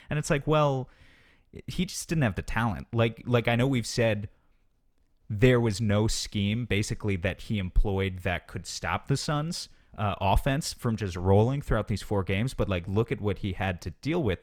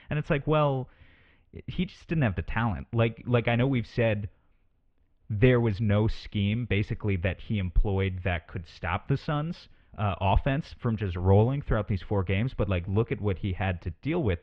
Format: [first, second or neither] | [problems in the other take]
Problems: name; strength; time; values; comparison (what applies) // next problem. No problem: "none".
first | muffled; very; fading above 3 kHz